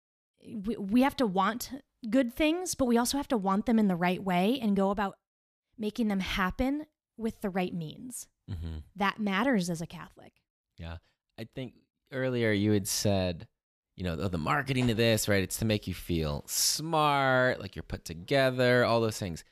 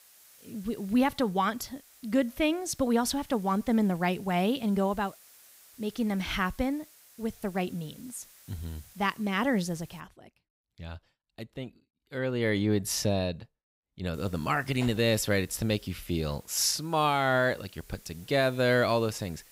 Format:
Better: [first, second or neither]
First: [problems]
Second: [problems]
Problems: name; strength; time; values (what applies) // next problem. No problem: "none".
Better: first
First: none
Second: hiss; faint; until 10 s and from 14 s on; 25 dB below the speech